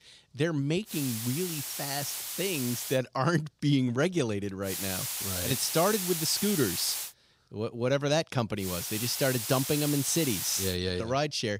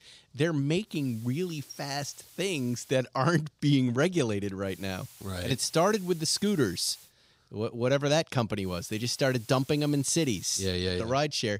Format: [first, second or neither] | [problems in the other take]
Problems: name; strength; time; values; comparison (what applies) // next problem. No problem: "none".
second | hiss; loud; from 1 to 3 s, from 4.5 to 7 s and from 8.5 to 11 s; 3 dB below the speech; faint in the second